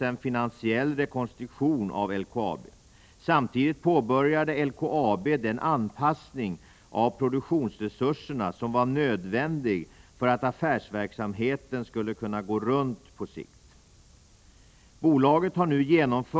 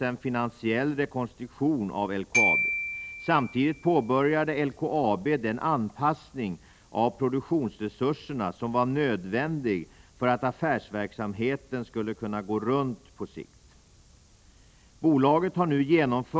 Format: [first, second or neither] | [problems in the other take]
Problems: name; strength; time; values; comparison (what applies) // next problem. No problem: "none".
first | background sound (Glockenspiel); 4 dB below the speech